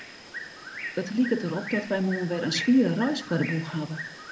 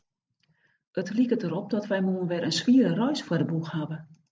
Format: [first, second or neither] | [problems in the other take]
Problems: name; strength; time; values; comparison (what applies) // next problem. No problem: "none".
second | background sound (Bird); 11 dB below the speech